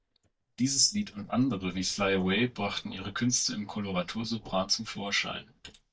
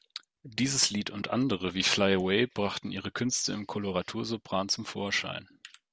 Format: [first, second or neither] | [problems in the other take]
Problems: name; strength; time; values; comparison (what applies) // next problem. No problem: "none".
second | noise reduction (neural mask model DeepFilterNet 3)